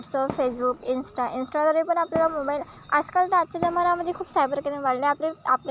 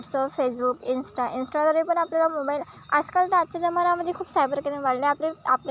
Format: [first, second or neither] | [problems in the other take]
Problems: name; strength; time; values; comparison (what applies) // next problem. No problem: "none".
second | background sound (Fireworks); 16 dB below the speech